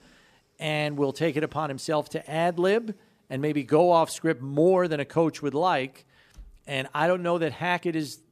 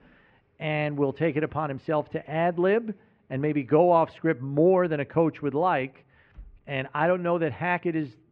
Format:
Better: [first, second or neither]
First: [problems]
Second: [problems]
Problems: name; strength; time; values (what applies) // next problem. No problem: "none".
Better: first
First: none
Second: muffled; very; fading above 2.5 kHz